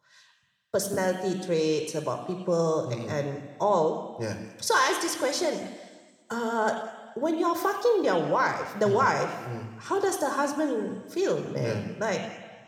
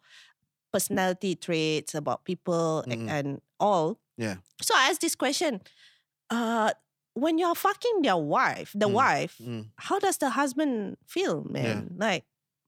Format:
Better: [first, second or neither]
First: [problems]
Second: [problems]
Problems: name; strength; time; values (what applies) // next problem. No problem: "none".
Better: second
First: room echo; slight; dies away in 1.3 s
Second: none